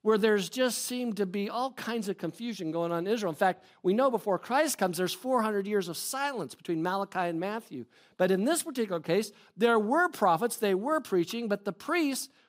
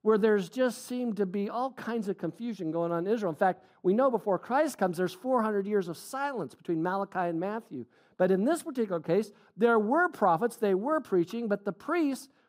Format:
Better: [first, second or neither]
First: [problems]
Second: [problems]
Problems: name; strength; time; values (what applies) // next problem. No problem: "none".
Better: first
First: none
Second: muffled; slightly; fading above 1.5 kHz